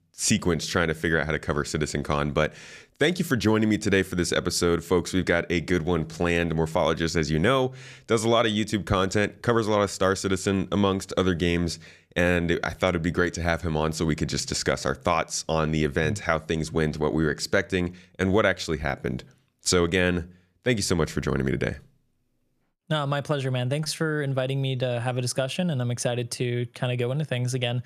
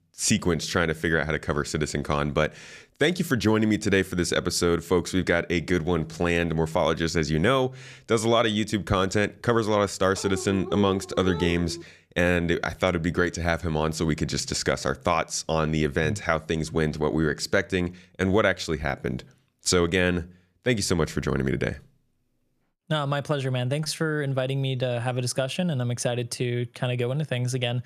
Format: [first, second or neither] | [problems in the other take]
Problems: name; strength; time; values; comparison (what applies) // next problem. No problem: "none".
first | dog barking; noticeable; from 10 to 12 s; peak 7 dB below the speech